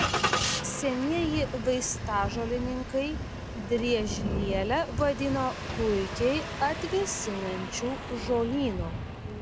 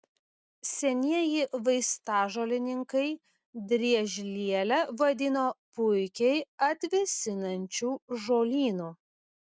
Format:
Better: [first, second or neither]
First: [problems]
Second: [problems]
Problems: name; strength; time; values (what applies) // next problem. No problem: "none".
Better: second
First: background sound (Thunder / Rain + Engine starting); 3 dB below the speech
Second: none